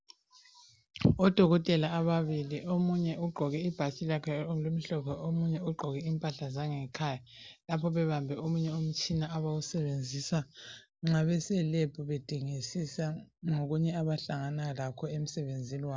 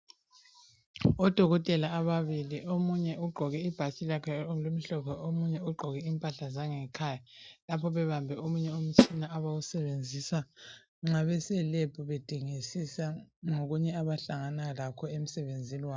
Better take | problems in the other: first | noise reduction (neural mask model RNNoise)

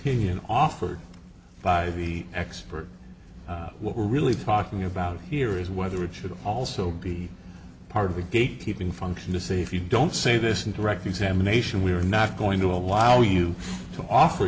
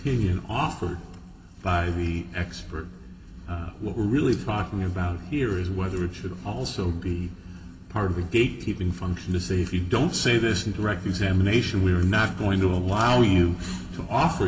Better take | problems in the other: first | room echo; dies away in 1.4 s

